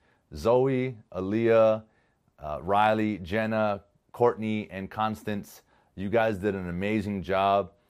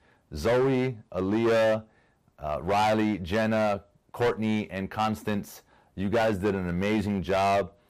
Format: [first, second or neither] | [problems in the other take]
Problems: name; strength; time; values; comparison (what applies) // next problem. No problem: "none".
first | distortion; heavy; 12% of the sound clipped